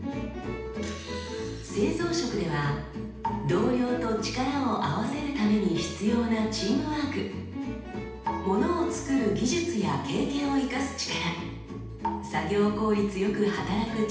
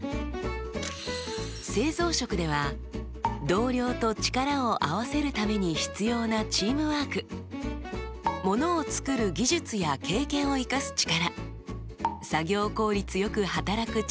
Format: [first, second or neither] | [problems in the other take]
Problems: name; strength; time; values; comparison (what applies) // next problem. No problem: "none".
second | room echo; dies away in 0.8 s